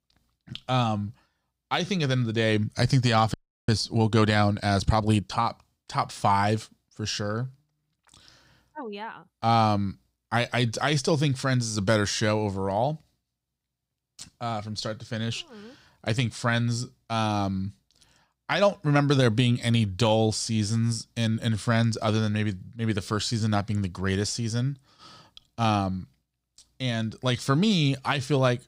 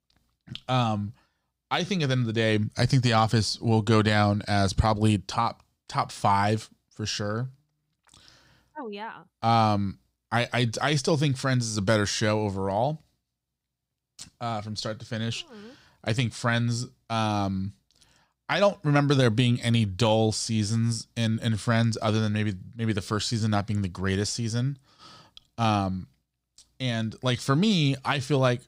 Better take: second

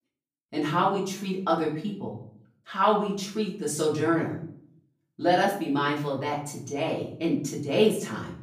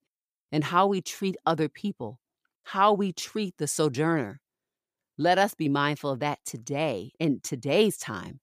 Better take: second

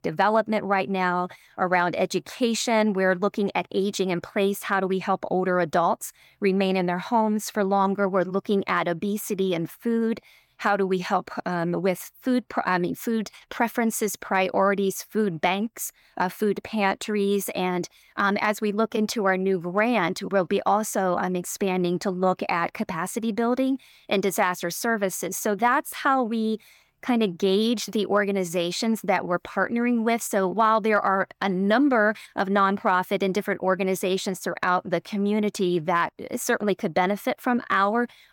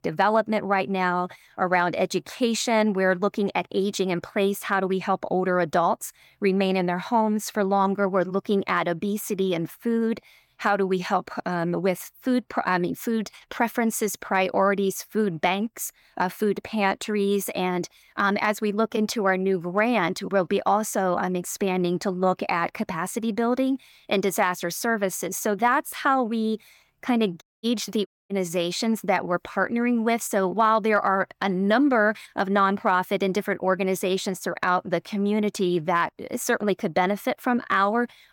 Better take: first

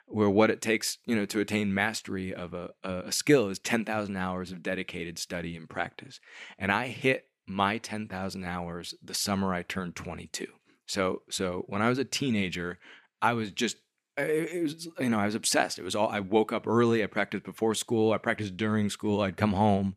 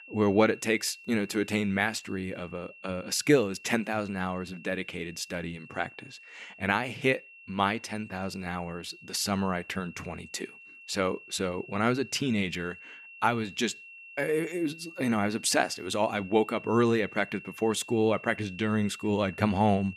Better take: first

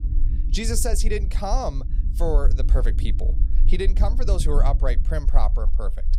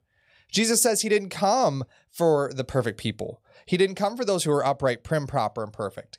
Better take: second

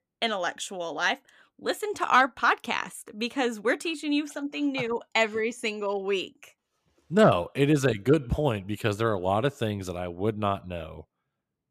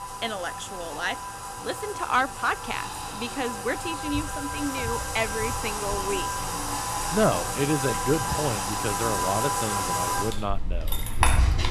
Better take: first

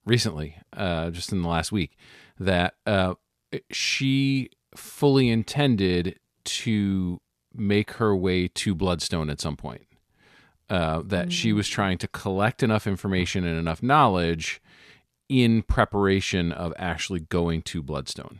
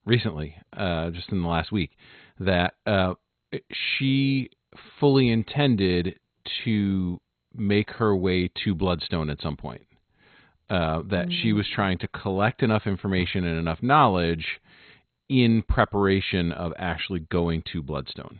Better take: first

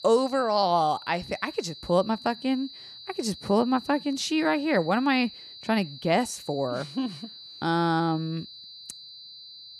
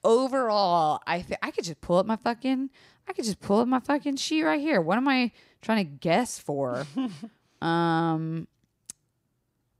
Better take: second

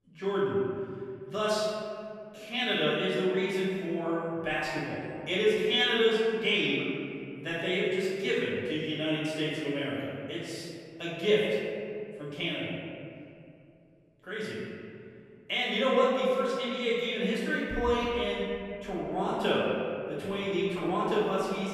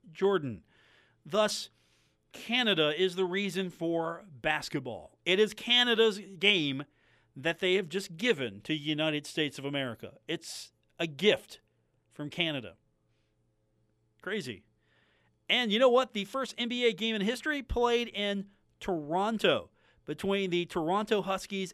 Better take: second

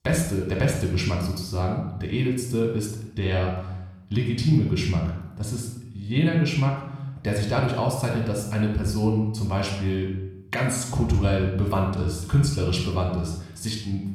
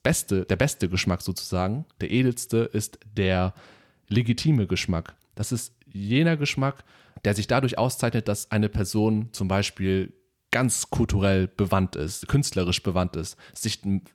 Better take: second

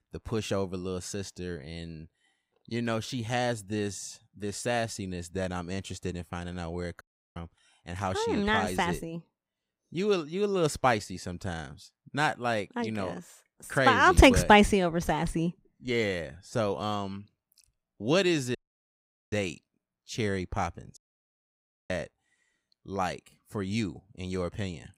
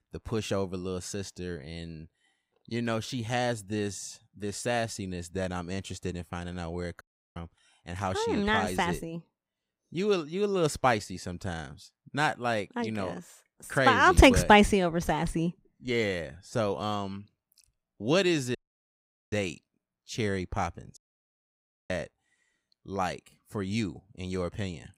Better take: neither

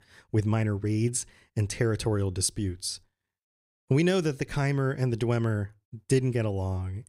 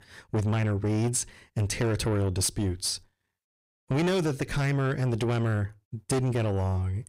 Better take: first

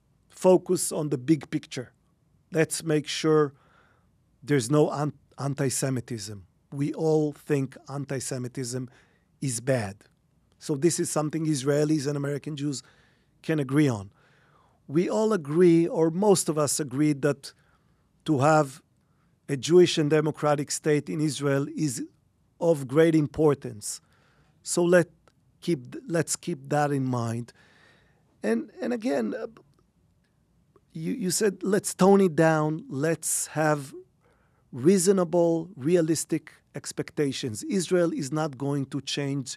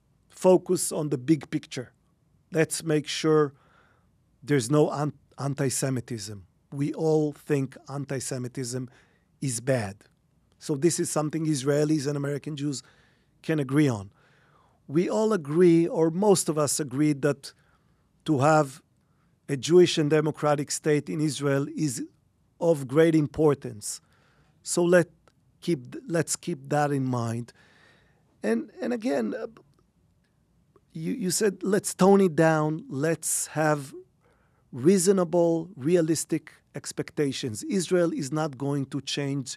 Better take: neither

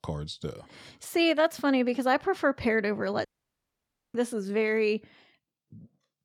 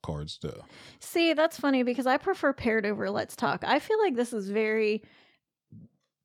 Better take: second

